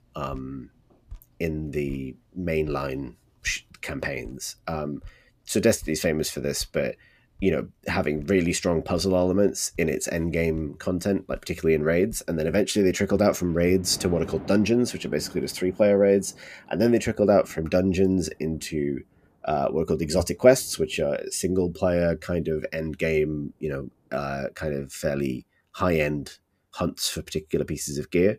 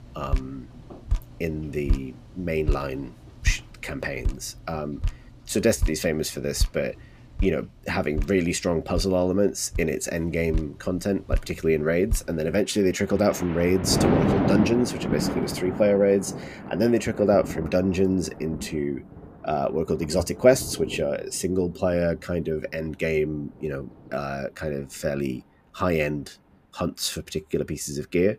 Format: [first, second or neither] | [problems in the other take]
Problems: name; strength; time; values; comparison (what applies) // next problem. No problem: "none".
first | rain or running water; loud; throughout; 5 dB below the speech; faint in the first